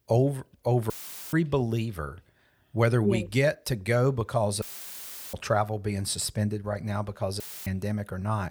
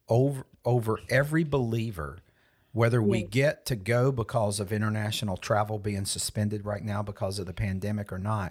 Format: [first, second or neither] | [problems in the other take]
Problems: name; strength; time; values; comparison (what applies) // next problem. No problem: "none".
second | audio cutting out; filled with static; at 1 s, at 4.5 s for 0.5 s and at 7.5 s